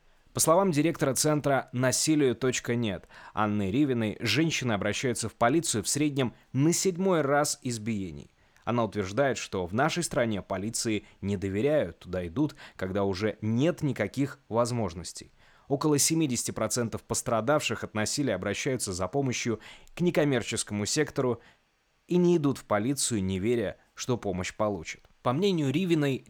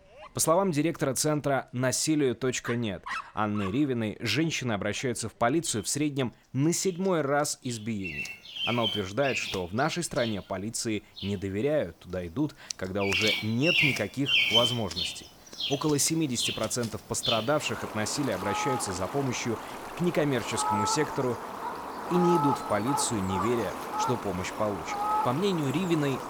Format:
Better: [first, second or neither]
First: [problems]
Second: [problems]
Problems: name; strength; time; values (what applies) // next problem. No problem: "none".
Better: first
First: none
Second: animal sounds; loud; throughout; 2 dB below the speech